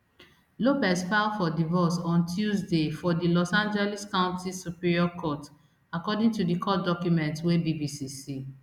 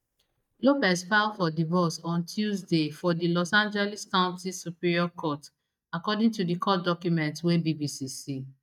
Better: first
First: none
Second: noise reduction (neural mask model DeepFilterNet 3)

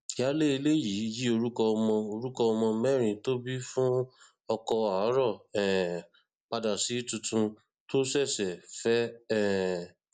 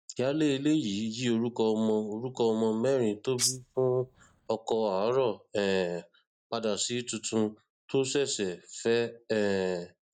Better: first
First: none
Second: noise reduction (neural mask model DeepFilterNet 3)

